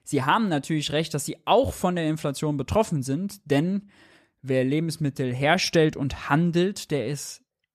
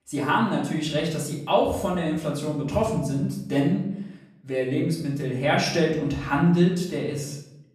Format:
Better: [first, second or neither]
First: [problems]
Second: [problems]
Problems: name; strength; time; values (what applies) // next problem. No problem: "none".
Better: first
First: none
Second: off-mic speech; far // room echo; noticeable; dies away in 0.7 s